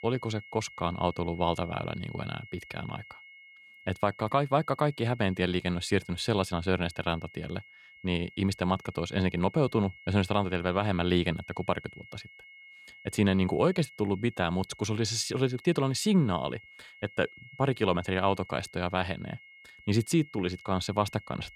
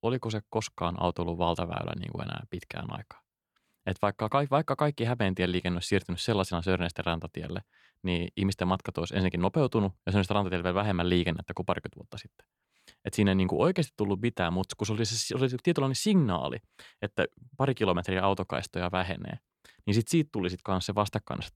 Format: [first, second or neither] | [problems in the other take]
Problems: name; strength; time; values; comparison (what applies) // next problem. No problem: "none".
second | high-pitched whine; noticeable; throughout; 2 kHz, 20 dB below the speech